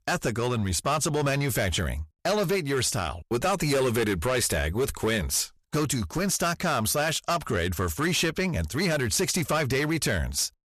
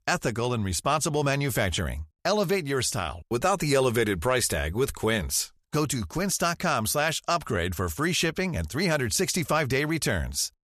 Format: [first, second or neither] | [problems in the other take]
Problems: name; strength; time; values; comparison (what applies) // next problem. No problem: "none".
second | distortion; slight; 11% of the sound clipped